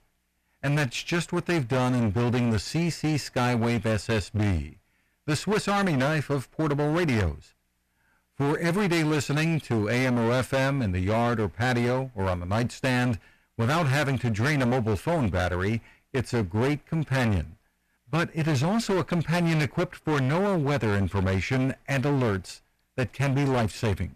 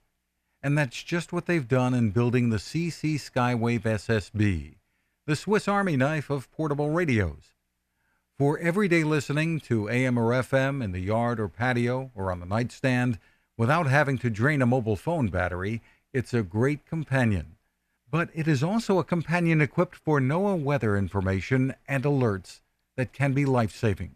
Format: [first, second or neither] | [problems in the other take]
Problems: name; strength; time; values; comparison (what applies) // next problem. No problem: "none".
second | distortion; heavy; 24% of the sound clipped